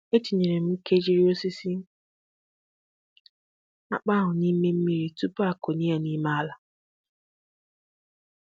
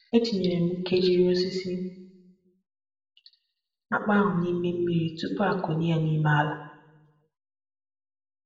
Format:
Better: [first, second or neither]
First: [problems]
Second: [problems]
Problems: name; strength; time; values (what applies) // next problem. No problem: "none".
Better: first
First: none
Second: room echo; dies away in 0.7 s